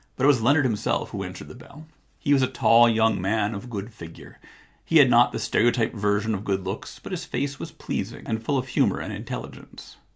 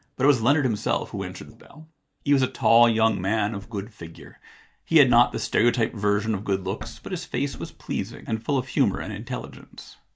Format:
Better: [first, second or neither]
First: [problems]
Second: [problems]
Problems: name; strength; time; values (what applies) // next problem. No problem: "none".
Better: first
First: none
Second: noise reduction (neural mask model DeepFilterNet 3)